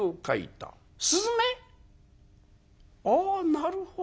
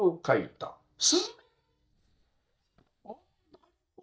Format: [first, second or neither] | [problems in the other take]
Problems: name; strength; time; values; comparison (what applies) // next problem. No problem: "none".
first | noise reduction (neural mask model DeepFilterNet 3)